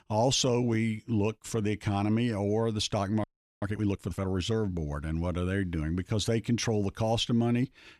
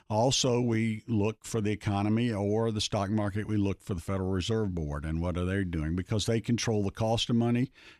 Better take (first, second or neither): second